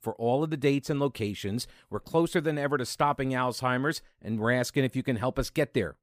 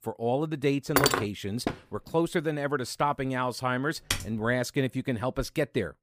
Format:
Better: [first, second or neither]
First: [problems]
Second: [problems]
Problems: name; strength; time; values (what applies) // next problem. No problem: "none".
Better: first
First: none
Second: clattering dishes; loud; at 1 s; peak 5 dB above the speech // door banging; noticeable; at 1.5 s; peak 6 dB below the speech // keyboard typing; noticeable; at 4 s; peak 2 dB below the speech